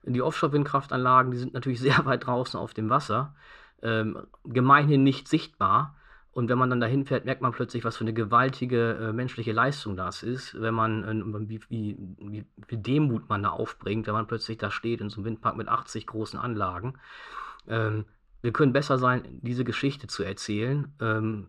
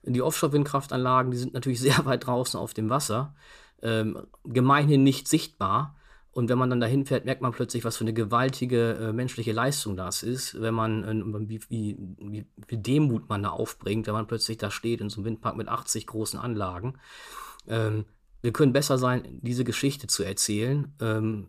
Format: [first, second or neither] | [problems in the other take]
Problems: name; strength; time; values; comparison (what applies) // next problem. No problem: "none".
second | muffled; slightly; fading above 3 kHz